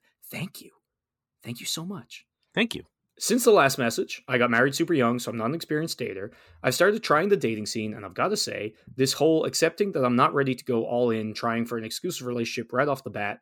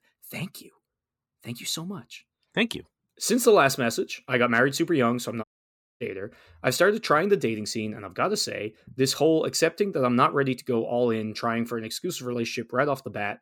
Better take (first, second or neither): first